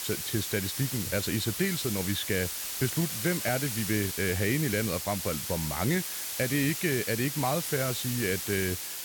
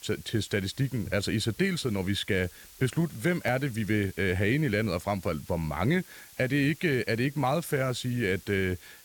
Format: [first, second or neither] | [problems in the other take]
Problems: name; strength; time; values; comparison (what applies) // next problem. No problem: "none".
second | hiss; loud; throughout; 2 dB below the speech; faint in the second